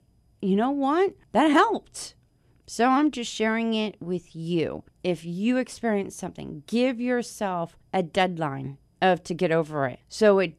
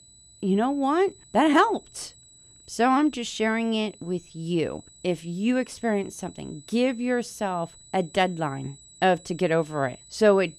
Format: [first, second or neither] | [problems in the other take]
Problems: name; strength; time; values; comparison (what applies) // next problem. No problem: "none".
first | high-pitched whine; faint; throughout; 8 kHz, 25 dB below the speech